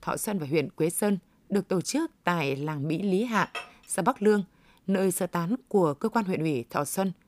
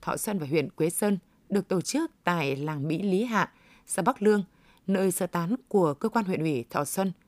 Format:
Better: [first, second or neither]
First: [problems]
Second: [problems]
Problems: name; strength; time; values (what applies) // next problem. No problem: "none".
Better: second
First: clattering dishes; faint; at 3.5 s; peak 10 dB below the speech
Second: none